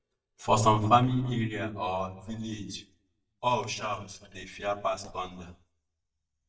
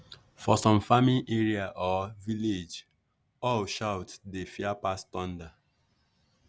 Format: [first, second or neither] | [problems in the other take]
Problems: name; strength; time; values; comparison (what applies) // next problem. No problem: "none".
second | noise reduction (neural mask model DeepFilterNet 3)